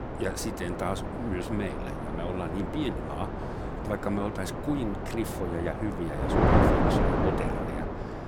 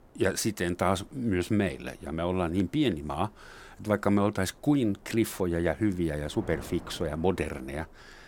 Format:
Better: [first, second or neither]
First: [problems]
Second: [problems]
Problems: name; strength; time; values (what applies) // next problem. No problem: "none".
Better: second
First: wind noise on the microphone; heavy; 4 dB above the speech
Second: wind noise on the microphone; occasional gusts; 25 dB below the speech